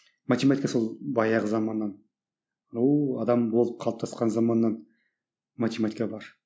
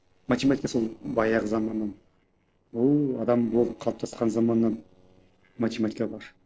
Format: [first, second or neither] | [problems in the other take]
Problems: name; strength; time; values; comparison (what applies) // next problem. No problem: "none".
first | noise reduction (neural separator model SepFormer DNS4)